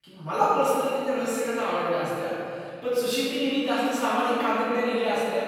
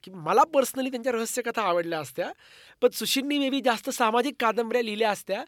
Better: second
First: room echo; strong; dies away in 2.8 s // off-mic speech; far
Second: none

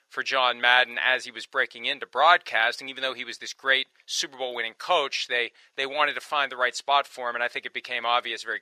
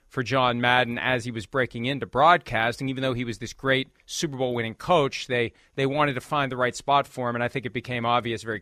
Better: second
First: thin; very; fading below 650 Hz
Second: none

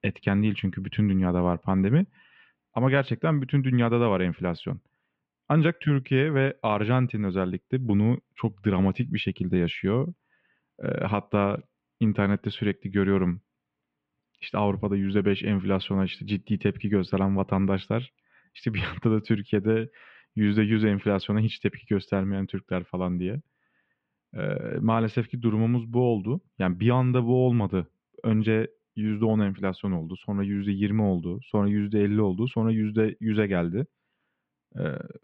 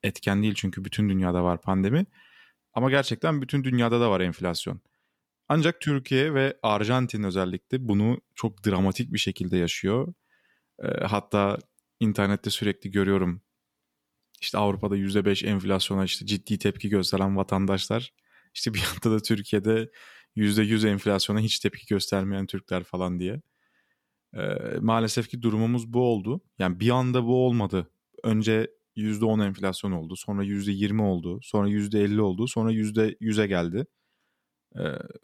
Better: second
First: muffled; very; fading above 2.5 kHz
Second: none

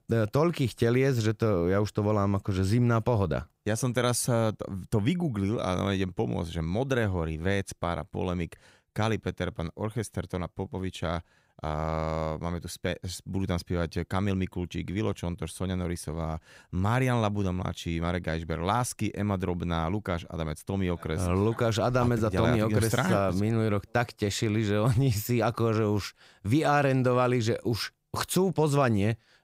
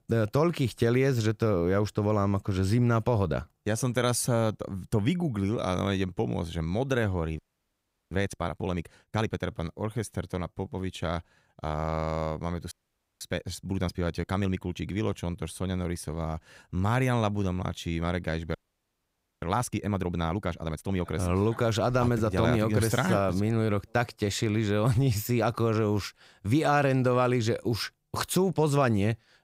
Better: first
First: none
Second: audio freezing; at 7.5 s for 0.5 s, at 13 s for 0.5 s and at 19 s for 1 s

